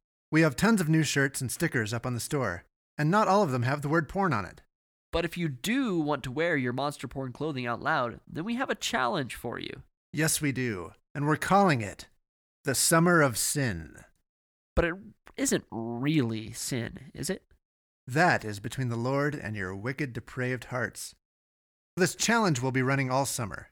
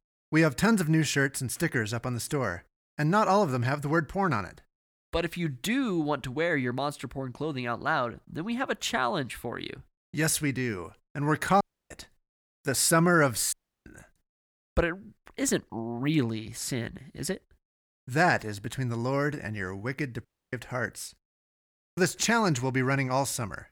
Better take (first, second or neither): first